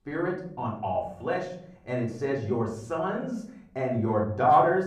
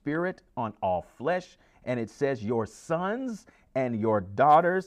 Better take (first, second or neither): second